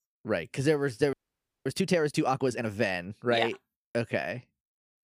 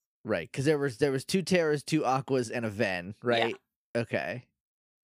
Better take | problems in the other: second | audio freezing; at 1 s for 0.5 s

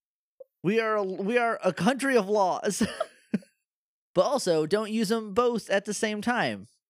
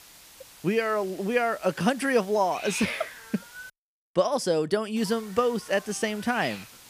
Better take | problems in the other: first | hiss; noticeable; until 3.5 s and from 5 s on; 15 dB below the speech

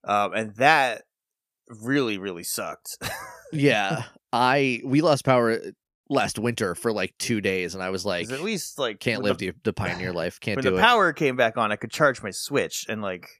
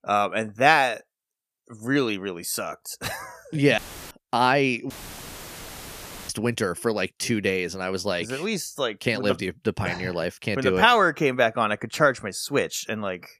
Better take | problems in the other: first | audio cutting out; filled with static; at 4 s and at 5 s for 1.5 s

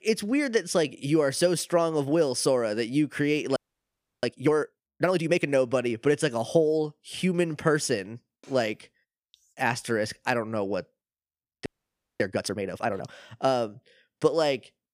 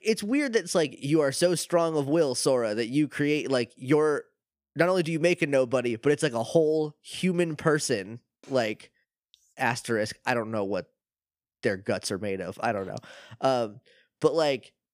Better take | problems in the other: second | audio freezing; at 3.5 s for 0.5 s and at 12 s for 0.5 s

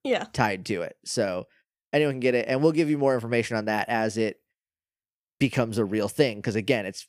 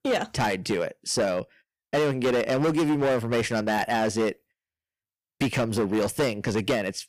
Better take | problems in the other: first | distortion; heavy; 14% of the sound clipped

